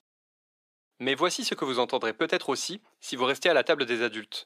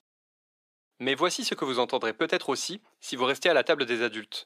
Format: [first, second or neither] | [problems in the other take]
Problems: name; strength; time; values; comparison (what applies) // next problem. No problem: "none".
neither | thin; somewhat; fading below 500 Hz; the same in both